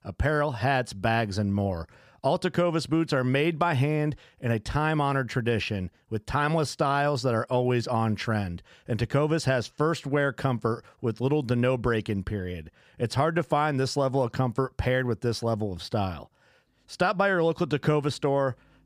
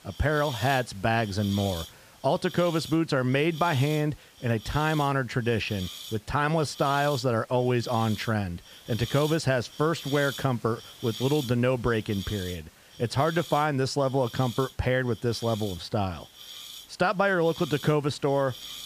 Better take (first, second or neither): first